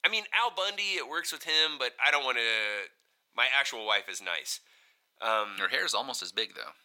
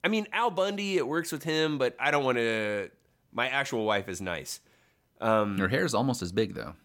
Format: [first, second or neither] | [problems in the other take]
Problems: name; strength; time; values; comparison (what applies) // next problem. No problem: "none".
second | thin; very; fading below 800 Hz